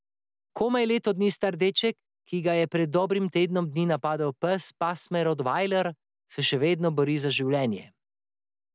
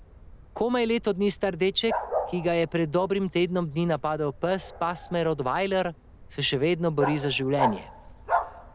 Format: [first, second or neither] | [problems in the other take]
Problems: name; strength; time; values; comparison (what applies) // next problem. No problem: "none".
first | background sound (Bark); 8 dB below the speech